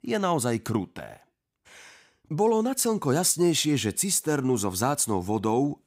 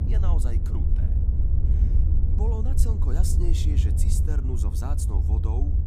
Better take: first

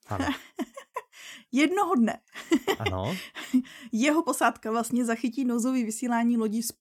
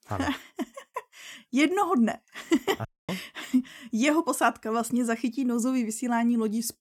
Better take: first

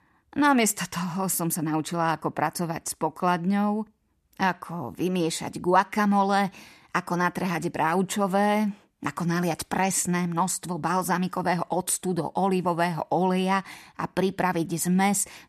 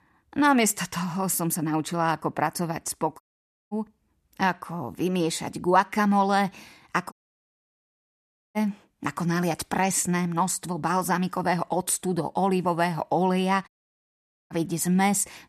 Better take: first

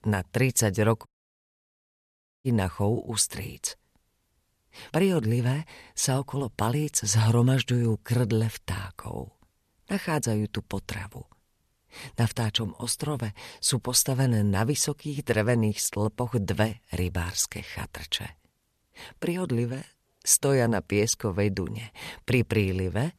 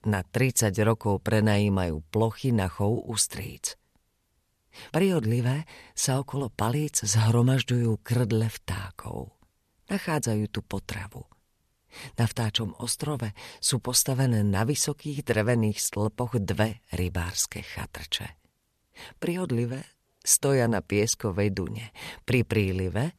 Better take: second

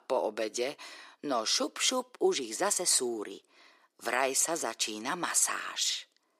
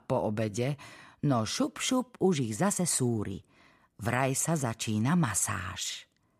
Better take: second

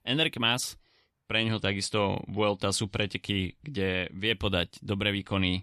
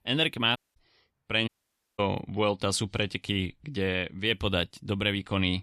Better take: first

